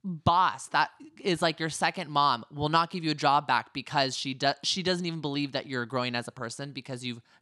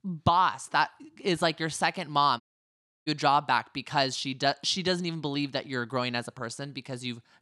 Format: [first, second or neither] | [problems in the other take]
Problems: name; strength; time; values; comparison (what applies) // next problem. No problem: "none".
first | audio cutting out; at 2.5 s for 0.5 s